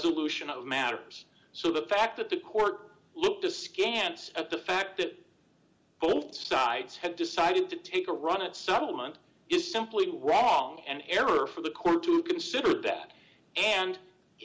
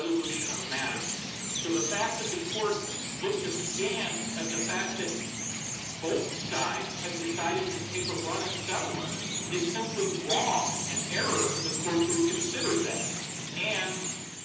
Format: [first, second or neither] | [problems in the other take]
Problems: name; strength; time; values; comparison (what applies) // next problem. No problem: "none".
first | background sound (Chirp, tweet); 1 dB below the speech // room echo; dies away in 0.9 s